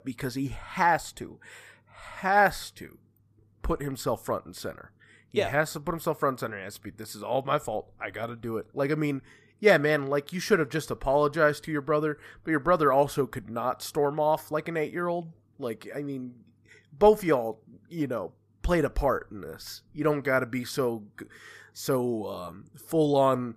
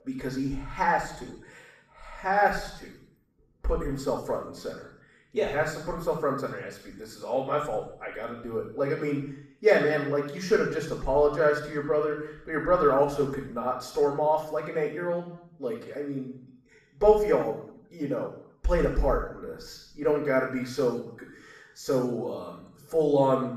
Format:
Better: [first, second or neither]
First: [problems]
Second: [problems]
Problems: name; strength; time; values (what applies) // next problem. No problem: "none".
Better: first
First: none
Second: room echo; noticeable; dies away in 0.7 s // off-mic speech; far